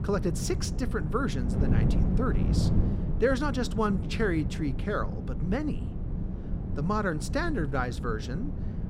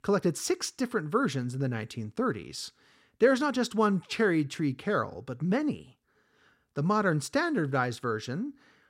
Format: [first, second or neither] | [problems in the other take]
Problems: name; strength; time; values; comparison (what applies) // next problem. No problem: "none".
second | wind noise on the microphone; heavy; 9 dB below the speech